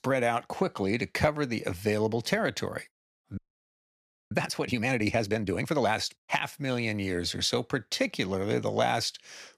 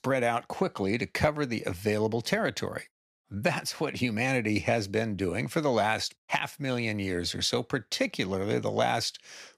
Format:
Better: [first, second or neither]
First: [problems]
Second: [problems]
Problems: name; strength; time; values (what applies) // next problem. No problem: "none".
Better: second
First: audio freezing; at 3.5 s for 1 s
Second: none